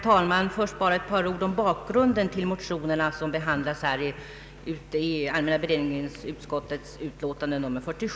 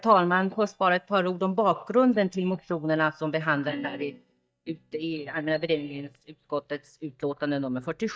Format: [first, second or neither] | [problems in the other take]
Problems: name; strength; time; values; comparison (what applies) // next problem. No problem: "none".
first | noise reduction (neural mask model DeepFilterNet 3)